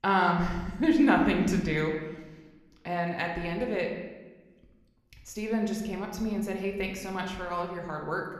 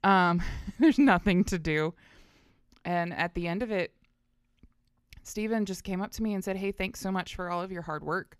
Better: second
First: room echo; slight; dies away in 1 s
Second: none

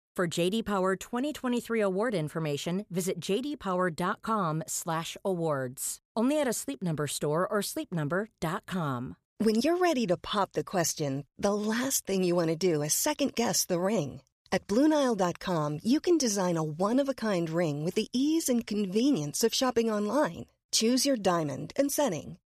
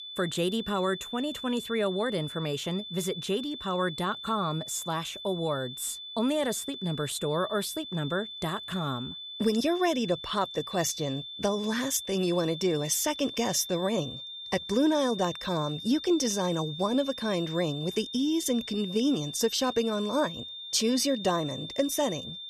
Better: first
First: none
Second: high-pitched whine; loud; throughout; 3.5 kHz, 9 dB below the speech

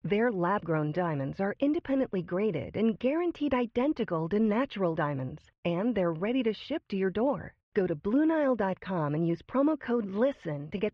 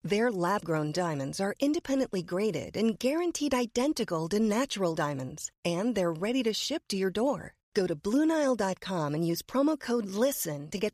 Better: second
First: muffled; very; fading above 2.5 kHz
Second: none

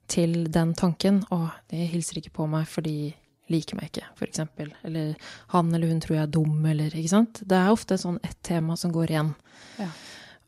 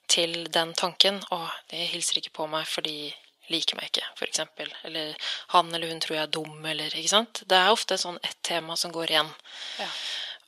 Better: first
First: none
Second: thin; very; fading below 650 Hz

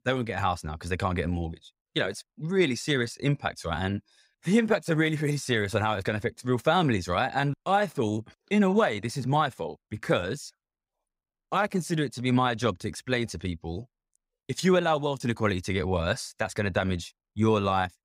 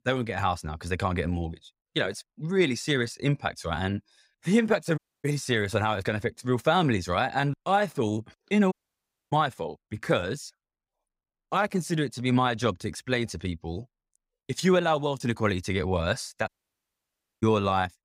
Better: first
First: none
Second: audio cutting out; at 5 s, at 8.5 s for 0.5 s and at 16 s for 1 s

